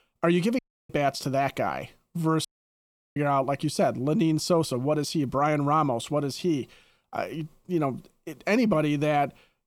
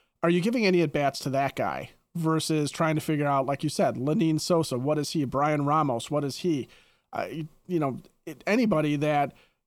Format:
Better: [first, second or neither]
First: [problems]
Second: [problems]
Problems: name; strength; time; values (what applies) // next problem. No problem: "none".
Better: second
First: audio cutting out; at 0.5 s and at 2.5 s for 0.5 s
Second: none